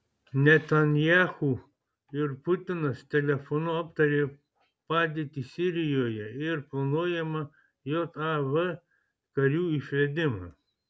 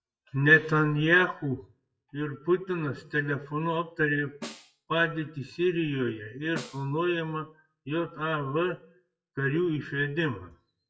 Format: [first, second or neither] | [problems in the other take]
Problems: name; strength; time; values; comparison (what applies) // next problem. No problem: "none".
first | noise reduction (classical method WPE with log-MMSE)